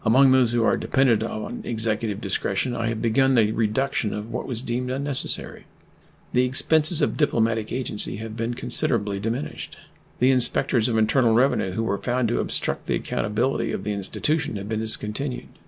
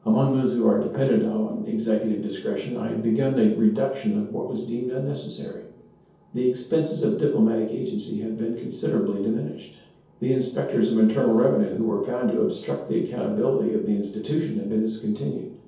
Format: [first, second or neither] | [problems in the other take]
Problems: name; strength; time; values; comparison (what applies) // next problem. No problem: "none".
first | room echo; dies away in 0.7 s